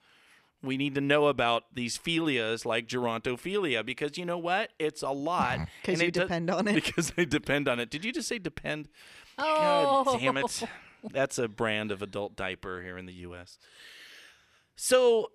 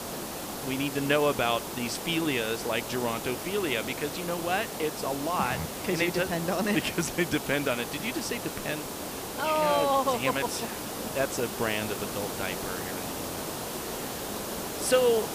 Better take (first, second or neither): first